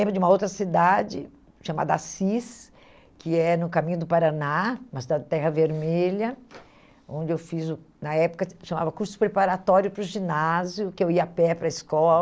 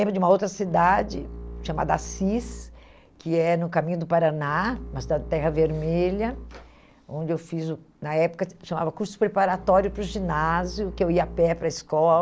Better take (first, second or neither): first